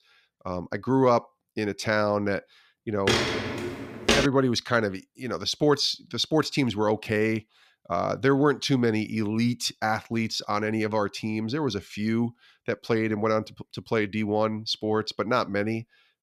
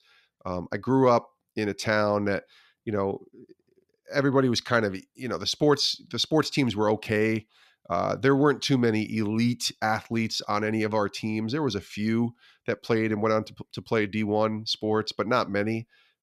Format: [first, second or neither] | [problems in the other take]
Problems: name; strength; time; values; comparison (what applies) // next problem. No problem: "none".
second | footsteps; loud; from 3 to 4.5 s; peak 3 dB above the speech